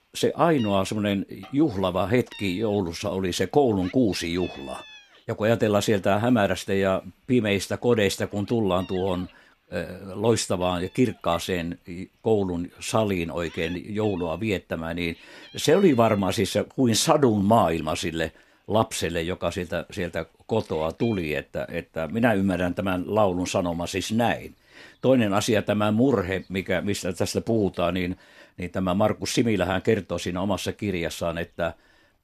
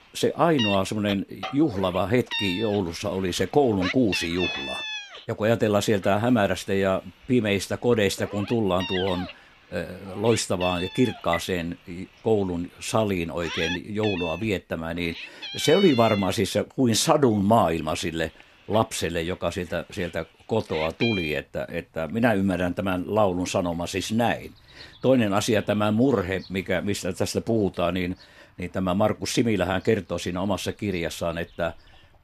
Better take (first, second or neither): first